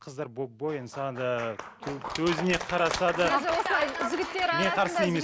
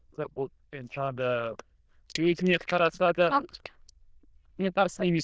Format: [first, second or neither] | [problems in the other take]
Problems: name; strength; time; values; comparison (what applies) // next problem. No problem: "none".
first | noise reduction (neural diffusion model UNIVERSE++)